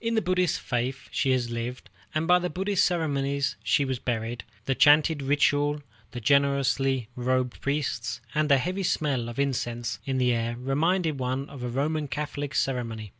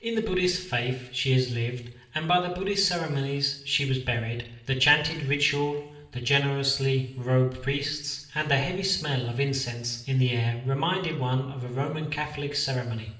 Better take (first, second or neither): first